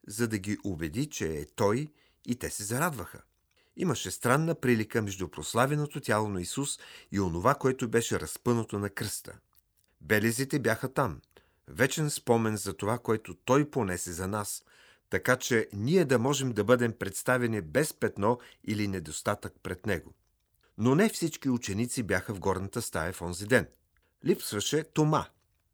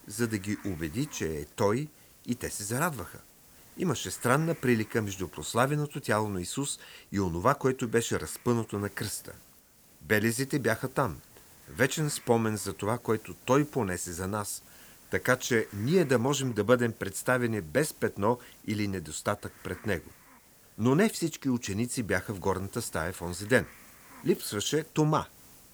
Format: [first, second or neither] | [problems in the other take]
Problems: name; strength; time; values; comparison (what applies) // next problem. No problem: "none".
first | hiss; faint; throughout; 20 dB below the speech